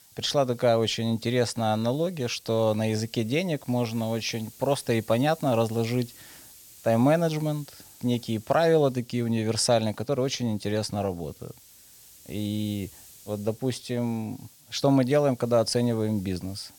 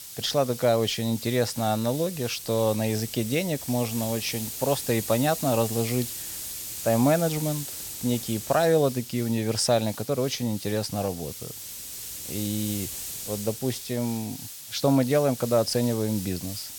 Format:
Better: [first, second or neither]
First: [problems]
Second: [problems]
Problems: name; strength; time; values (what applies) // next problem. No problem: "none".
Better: first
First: hiss; faint; throughout; 25 dB below the speech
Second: hiss; loud; throughout; 8 dB below the speech